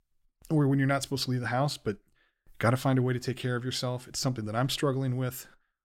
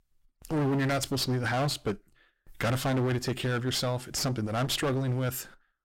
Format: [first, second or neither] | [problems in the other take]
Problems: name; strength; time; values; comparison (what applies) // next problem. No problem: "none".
first | distortion; heavy; 22% of the sound clipped